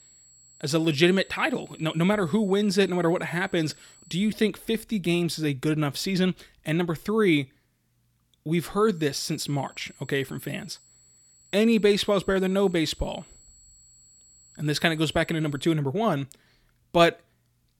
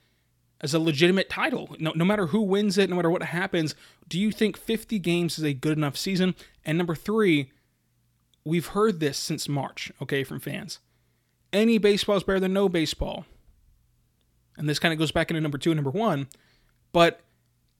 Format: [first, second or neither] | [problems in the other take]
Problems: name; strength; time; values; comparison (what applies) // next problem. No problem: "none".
second | high-pitched whine; faint; until 4.5 s and from 9 to 16 s; 7.5 kHz, 25 dB below the speech